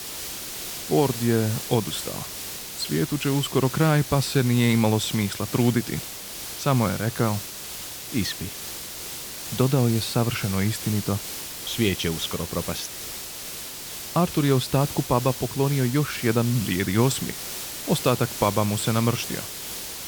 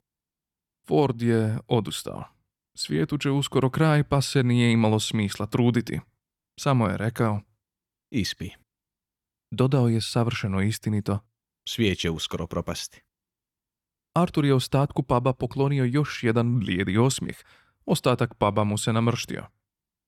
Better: second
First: hiss; loud; throughout; 8 dB below the speech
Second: none

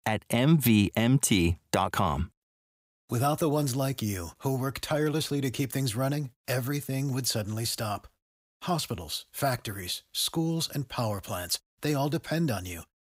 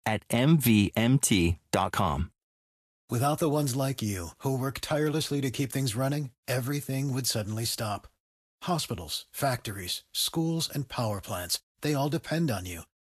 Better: first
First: none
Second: garbled, watery; slightly; nothing above 13 kHz

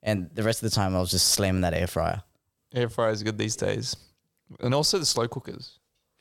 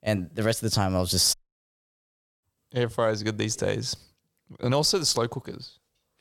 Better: first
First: none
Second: audio cutting out; at 1.5 s for 1 s

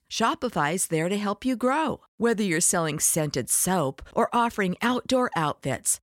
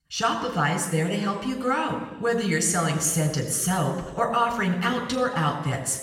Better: first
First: none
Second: room echo; slight; dies away in 1.1 s // off-mic speech; somewhat distant

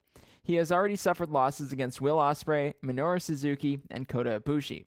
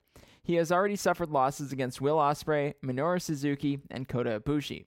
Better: second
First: garbled, watery; slightly; nothing above 16 kHz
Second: none

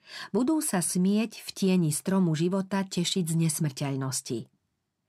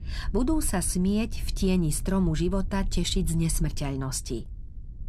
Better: first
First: none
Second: low rumble; faint; throughout; 25 dB below the speech

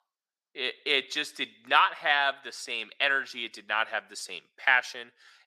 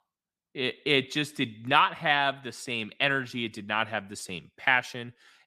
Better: second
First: thin; very; fading below 500 Hz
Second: none

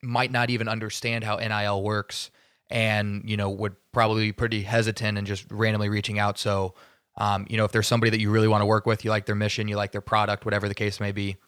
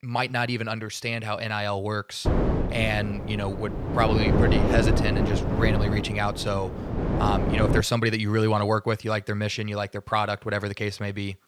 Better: first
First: none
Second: wind noise on the microphone; heavy; from 2.5 to 8 s; 3 dB below the speech

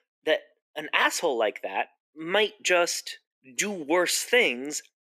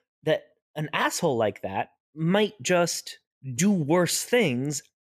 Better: second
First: thin; somewhat; fading below 300 Hz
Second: none

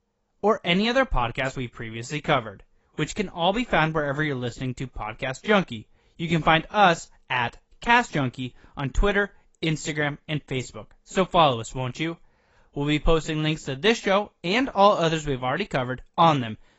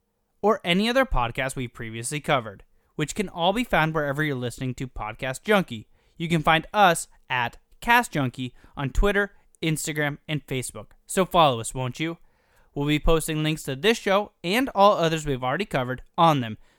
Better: second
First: garbled, watery; badly; nothing above 7.5 kHz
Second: none

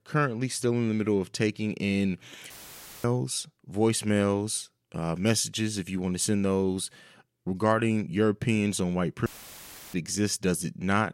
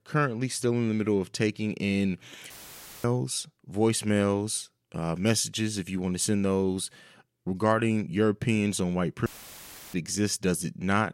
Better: neither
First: audio cutting out; filled with static; at 2.5 s for 0.5 s and at 9.5 s for 0.5 s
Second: audio cutting out; filled with static; at 2.5 s for 0.5 s and at 9.5 s for 0.5 s

